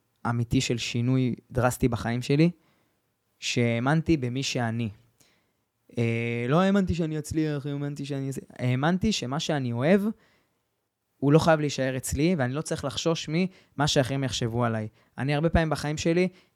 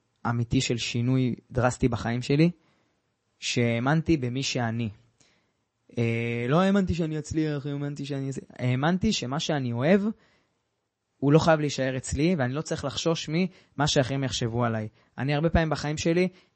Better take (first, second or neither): first